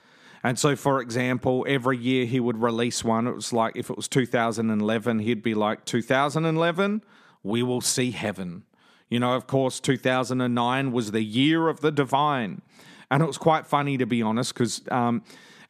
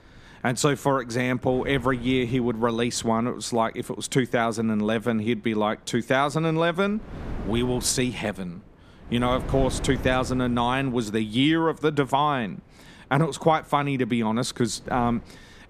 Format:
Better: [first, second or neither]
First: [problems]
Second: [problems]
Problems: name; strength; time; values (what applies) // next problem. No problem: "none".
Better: first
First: none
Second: wind noise on the microphone; occasional gusts; 20 dB below the speech